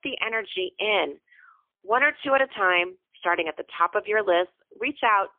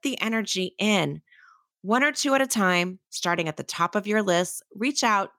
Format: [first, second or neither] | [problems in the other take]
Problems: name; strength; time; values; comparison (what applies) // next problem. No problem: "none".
second | phone-call audio; poor line; nothing above 3.5 kHz